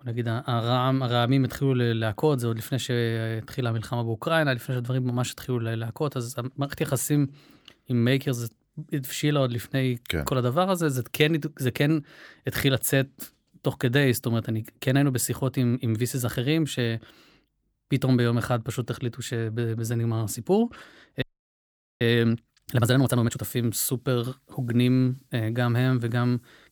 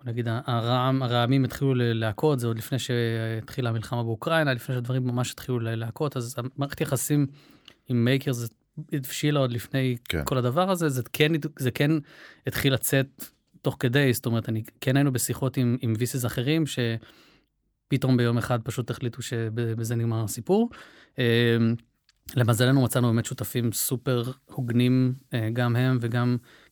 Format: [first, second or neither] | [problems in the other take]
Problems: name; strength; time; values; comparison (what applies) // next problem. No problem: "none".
second | audio freezing; at 21 s for 1 s